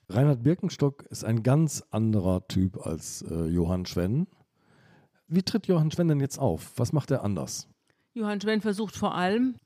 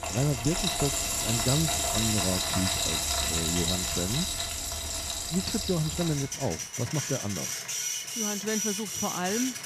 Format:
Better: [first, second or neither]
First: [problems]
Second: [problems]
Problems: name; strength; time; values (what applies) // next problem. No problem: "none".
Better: first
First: none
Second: household noises; very loud; throughout; 3 dB above the speech